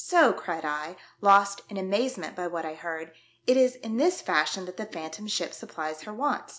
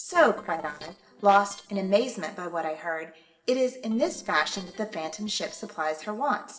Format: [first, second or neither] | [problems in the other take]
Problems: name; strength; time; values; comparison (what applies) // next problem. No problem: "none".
first | noise reduction (neural separator model SepFormer DNS4)